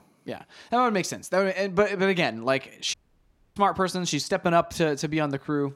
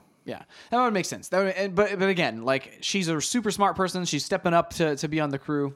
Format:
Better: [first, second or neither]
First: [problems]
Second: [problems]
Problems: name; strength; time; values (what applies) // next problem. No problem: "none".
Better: second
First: audio cutting out; at 3 s for 0.5 s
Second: none